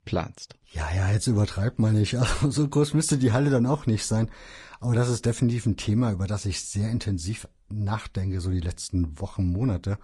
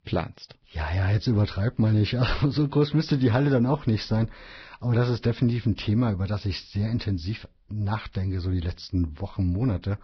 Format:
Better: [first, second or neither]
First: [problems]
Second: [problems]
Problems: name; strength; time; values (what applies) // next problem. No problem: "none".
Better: first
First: garbled, watery; slightly; nothing above 10.5 kHz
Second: garbled, watery; badly; nothing above 5.5 kHz